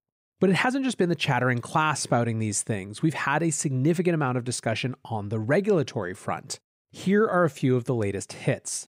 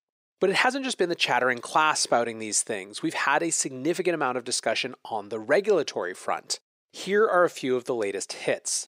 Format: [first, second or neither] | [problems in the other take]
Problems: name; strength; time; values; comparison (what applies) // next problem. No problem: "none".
first | thin; somewhat; fading below 450 Hz